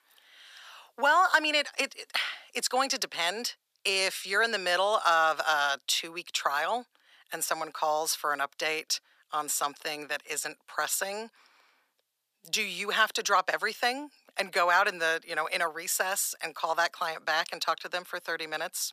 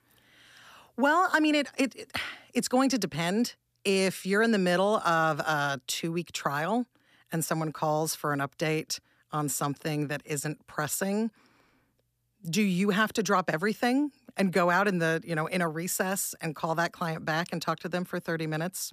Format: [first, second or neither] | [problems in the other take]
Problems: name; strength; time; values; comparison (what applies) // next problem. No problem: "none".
second | thin; very; fading below 750 Hz